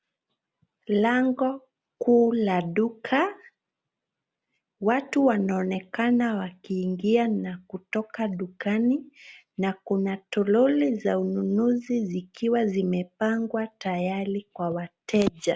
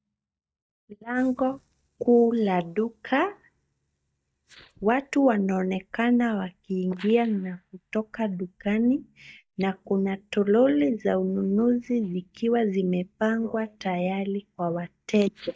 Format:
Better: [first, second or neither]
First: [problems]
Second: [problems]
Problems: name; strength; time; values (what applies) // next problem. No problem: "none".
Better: first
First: none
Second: noise reduction (neural mask model DeepFilterNet 3)